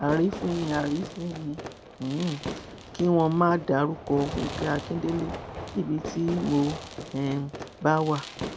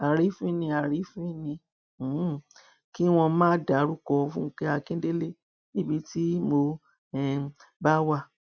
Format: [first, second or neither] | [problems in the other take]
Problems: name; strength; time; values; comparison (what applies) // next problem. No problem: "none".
second | background sound (Fireworks); 10 dB below the speech